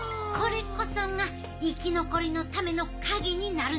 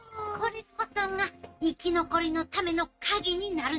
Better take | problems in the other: first | noise reduction (neural mask model RNNoise)

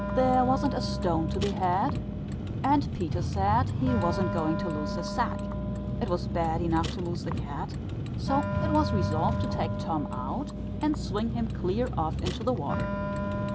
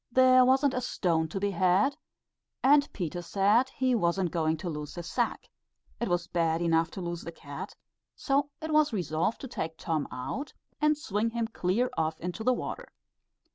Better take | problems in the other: second | background sound (Vehicle + Wind instrument, woodwind instrument); as loud as the speech

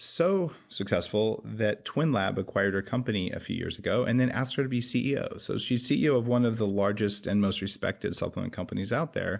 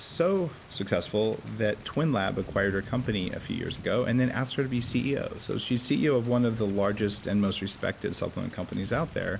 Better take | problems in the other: first | background sound (Thunder / Rain); 16 dB below the speech

